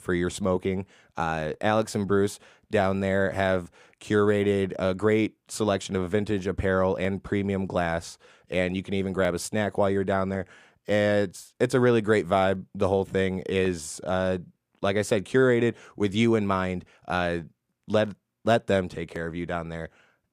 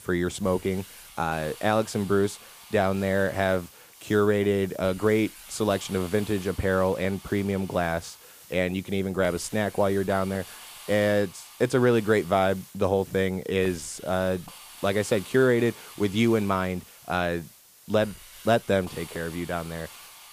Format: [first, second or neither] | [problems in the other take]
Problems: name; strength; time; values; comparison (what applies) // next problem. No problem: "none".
first | hiss; noticeable; throughout; 20 dB below the speech